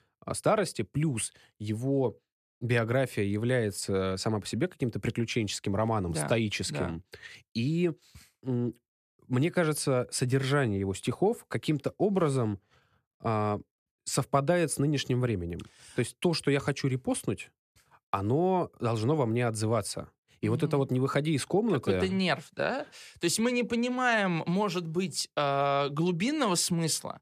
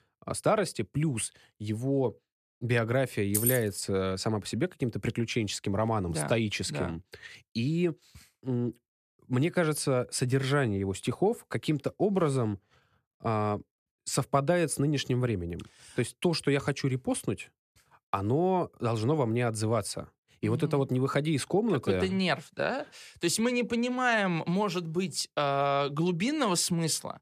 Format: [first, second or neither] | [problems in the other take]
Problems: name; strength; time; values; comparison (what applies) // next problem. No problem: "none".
first | jangling keys; loud; at 3.5 s; peak 1 dB above the speech